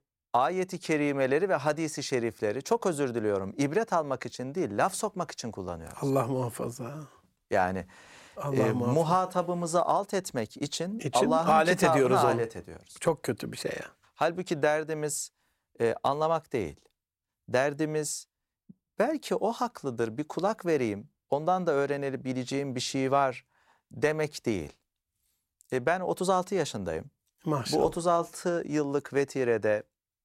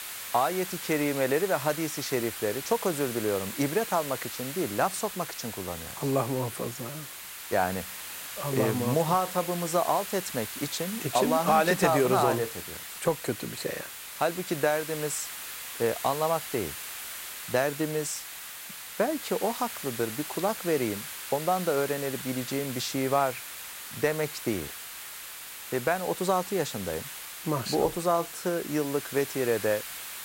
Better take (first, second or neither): first